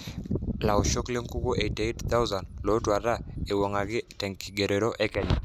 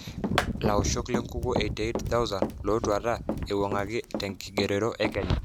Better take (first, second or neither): first